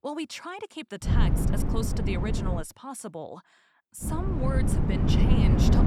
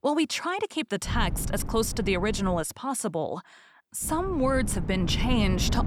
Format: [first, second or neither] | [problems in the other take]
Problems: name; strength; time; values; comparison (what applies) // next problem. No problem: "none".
second | wind noise on the microphone; heavy; from 1 to 2.5 s and from 4 s on; 1 dB above the speech; occasional gusts in the second